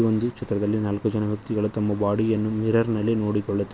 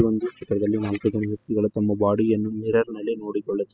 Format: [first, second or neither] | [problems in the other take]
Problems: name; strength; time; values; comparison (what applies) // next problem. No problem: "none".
first | noise reduction (classical method spectral subtraction)